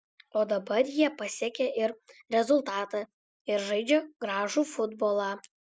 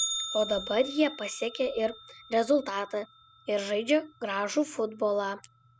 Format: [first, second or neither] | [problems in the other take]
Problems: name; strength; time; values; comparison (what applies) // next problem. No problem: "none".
first | background sound (Bell); 11 dB below the speech